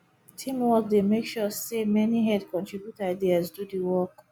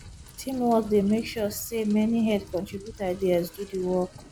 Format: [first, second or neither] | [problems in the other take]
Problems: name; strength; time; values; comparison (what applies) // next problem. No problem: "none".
first | background sound (Rain); 19 dB below the speech